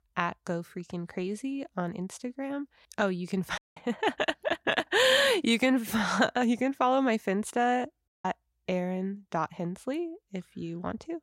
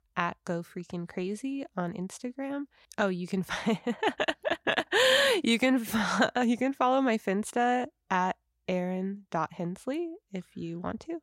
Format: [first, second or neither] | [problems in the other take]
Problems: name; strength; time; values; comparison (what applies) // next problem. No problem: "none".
second | audio cutting out; at 3.5 s and at 8 s